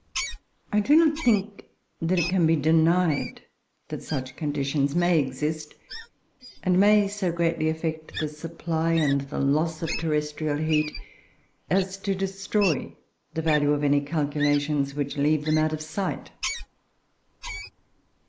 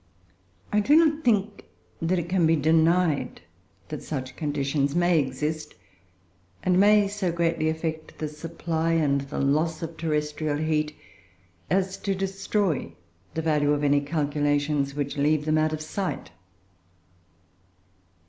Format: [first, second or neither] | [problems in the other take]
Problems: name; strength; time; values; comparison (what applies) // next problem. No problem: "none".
second | noise reduction (neural mask model Resemble Enhance denoiser)